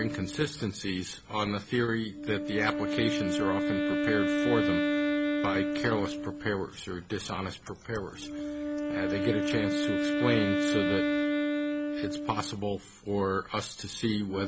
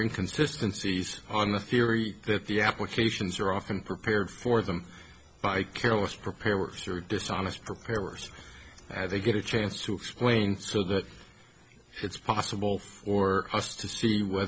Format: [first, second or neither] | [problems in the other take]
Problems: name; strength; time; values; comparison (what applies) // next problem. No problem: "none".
second | background sound (Wind instrument, woodwind instrument); 1 dB above the speech